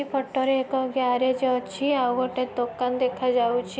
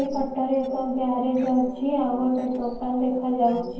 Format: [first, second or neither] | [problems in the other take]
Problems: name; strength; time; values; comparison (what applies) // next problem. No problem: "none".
first | noise reduction (neural separator model SepFormer DNS4)